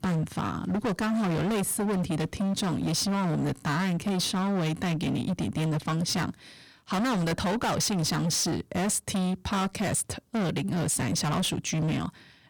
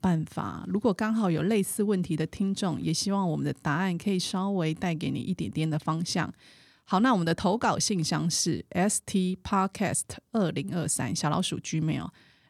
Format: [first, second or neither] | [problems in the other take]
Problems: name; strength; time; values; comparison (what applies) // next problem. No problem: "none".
second | distortion; heavy; 33% of the sound clipped